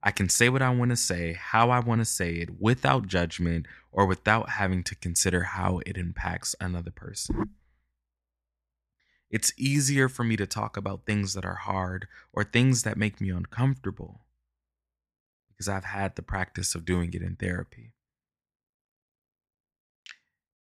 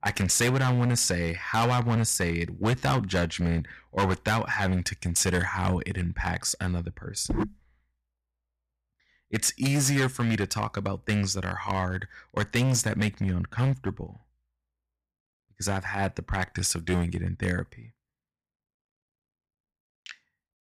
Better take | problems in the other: first | distortion; heavy; 7% of the sound clipped

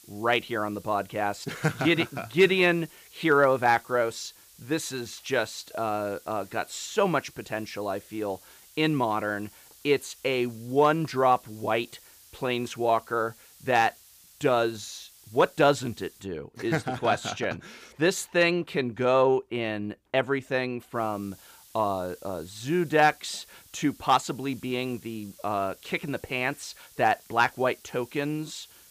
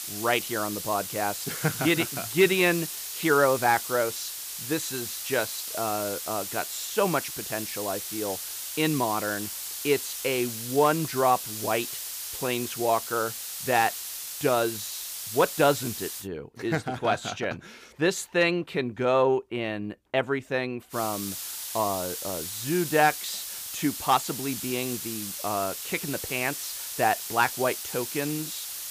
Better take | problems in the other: first | hiss; loud; until 16 s and from 21 s on; 5 dB below the speech; faint in the first

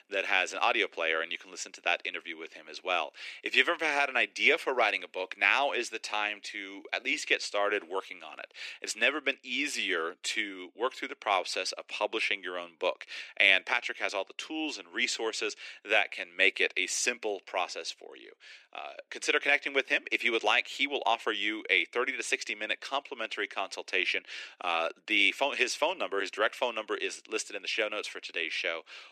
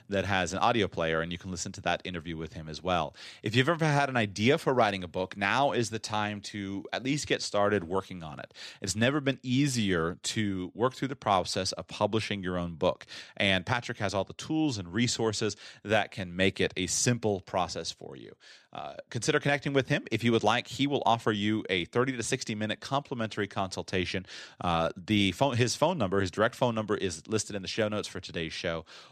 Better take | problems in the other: second | thin; very; fading below 350 Hz

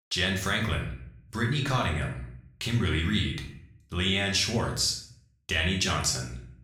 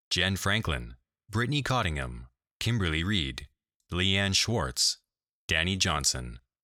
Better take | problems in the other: second | room echo; slight; dies away in 0.5 s // off-mic speech; somewhat distant

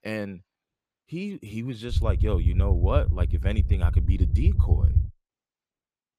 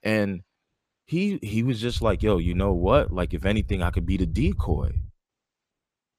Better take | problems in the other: second | low rumble; loud; from 2 to 5 s; 6 dB below the speech; faint in the second

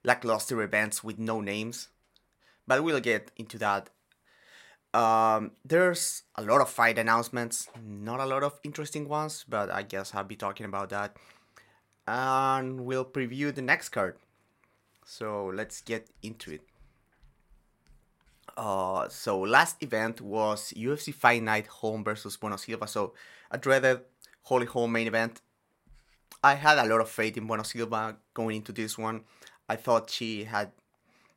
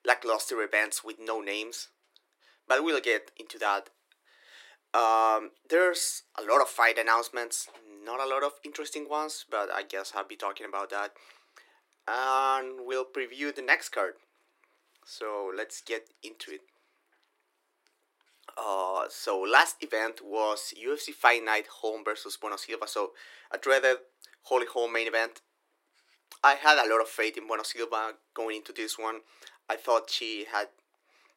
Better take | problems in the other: first | thin; very; fading below 300 Hz

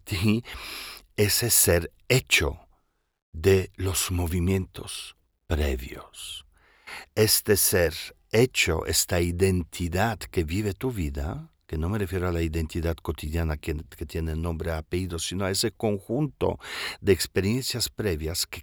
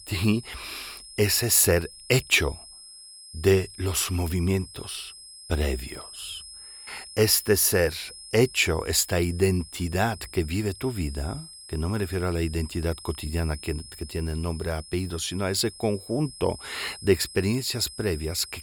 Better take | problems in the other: first | high-pitched whine; noticeable; throughout; 5 kHz, 15 dB below the speech

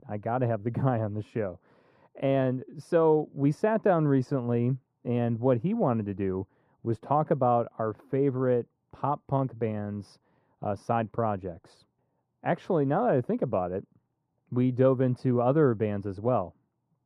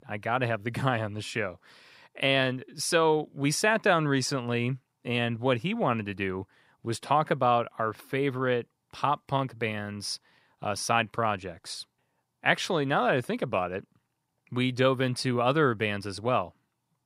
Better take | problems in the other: second | muffled; very; fading above 1.5 kHz

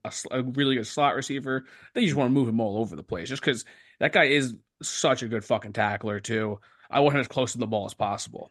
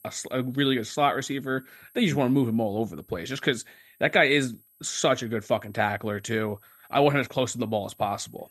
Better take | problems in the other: first | high-pitched whine; faint; throughout; 11.5 kHz, 30 dB below the speech

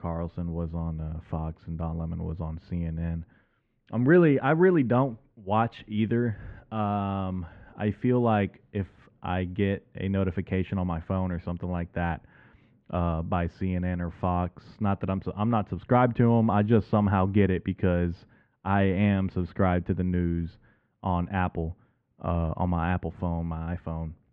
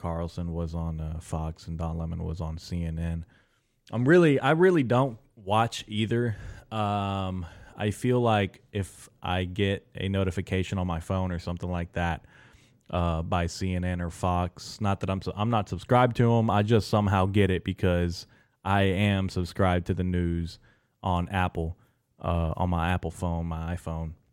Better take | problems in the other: second | muffled; very; fading above 2.5 kHz

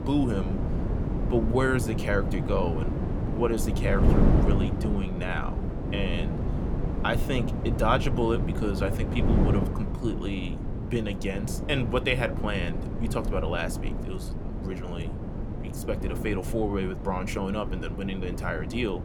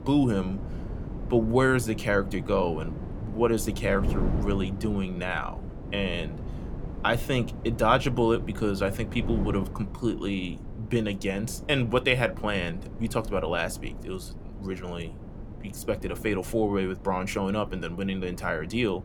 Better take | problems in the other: second | wind noise on the microphone; heavy; 6 dB below the speech; occasional gusts in the second

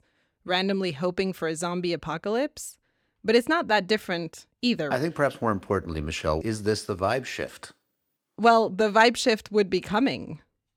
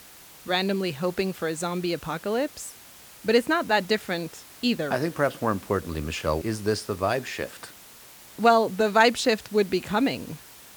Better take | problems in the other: first | hiss; noticeable; throughout; 20 dB below the speech

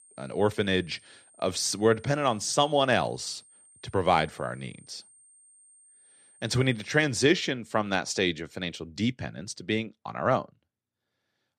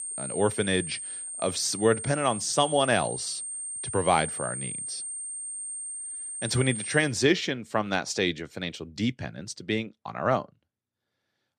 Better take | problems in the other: first | high-pitched whine; loud; until 7 s; 8.5 kHz, 6 dB below the speech; faint in the first

